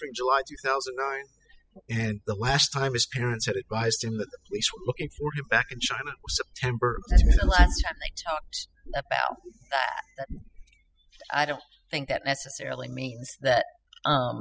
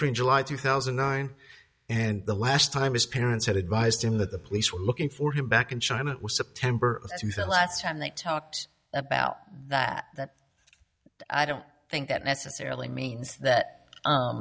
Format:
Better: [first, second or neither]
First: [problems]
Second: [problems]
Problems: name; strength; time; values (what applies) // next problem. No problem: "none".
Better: second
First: noise reduction (classical method spectral subtraction)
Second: none